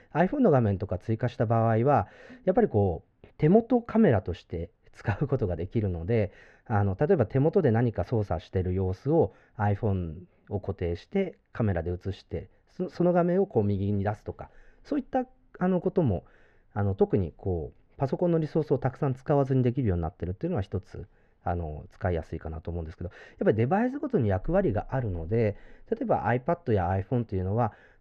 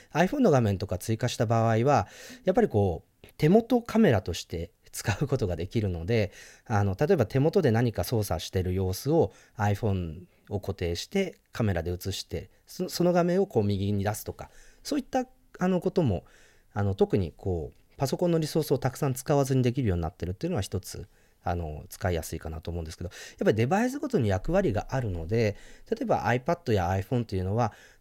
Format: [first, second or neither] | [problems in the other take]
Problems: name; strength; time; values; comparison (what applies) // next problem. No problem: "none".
second | muffled; very; fading above 1.5 kHz